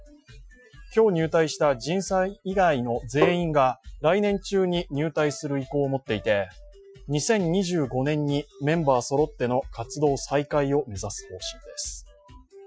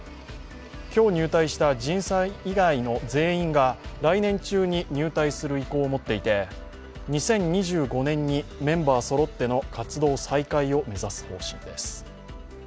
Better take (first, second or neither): second